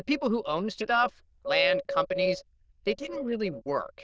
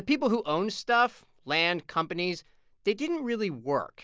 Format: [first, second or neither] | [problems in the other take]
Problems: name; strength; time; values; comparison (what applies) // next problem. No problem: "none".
second | noise reduction (neural diffusion model UNIVERSE++)